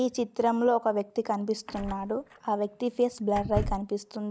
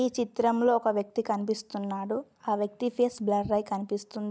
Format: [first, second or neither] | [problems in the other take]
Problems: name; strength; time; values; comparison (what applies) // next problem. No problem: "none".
second | background sound (Door / Car); 10 dB below the speech